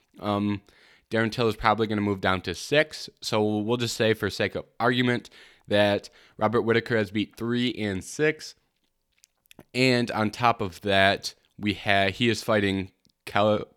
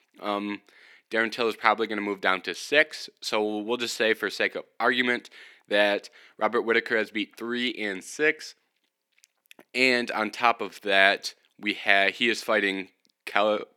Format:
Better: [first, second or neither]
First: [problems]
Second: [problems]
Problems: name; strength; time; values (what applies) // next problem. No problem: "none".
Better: first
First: none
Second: thin; somewhat; fading below 250 Hz